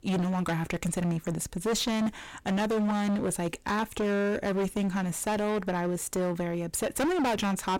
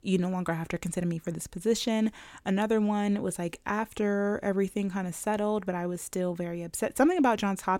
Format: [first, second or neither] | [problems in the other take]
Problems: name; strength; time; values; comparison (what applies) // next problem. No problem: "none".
second | distortion; heavy; 24% of the sound clipped